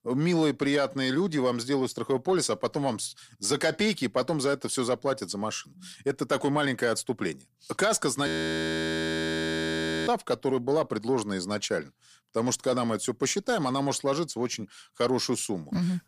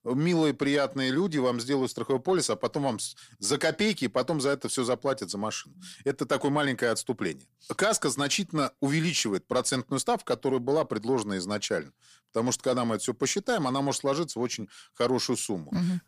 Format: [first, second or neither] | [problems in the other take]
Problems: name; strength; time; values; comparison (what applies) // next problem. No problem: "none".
second | audio freezing; at 8.5 s for 2 s